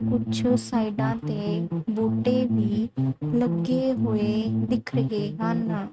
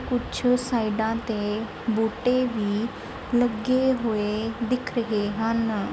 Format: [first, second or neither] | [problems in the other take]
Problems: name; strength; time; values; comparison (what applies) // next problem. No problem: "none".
second | noise reduction (neural mask model RNNoise)